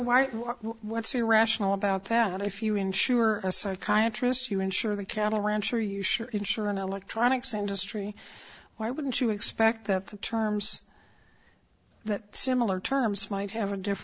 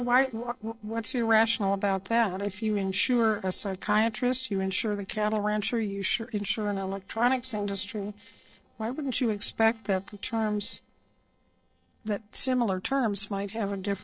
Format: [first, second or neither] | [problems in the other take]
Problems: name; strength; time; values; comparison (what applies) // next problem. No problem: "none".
first | noise reduction (neural separator model SepFormer DNS4)